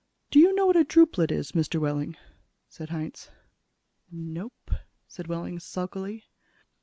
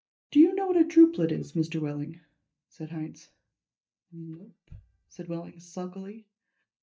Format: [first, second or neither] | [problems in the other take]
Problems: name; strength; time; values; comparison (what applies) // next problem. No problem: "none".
first | noise reduction (neural mask model DeepFilterNet 3)